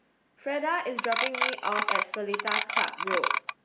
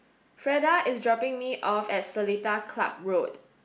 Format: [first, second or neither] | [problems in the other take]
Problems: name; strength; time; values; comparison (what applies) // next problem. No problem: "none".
second | background sound (Clock); 3 dB above the speech